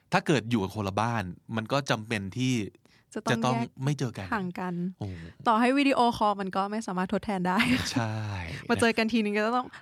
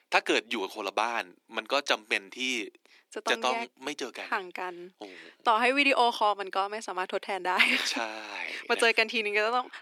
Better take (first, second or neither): first